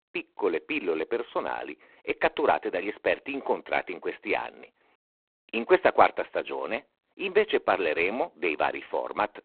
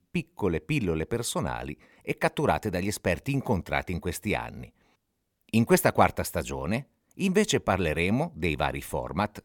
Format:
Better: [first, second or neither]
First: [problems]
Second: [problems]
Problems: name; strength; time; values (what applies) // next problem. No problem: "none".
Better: second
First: phone-call audio; poor line; nothing above 4 kHz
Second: none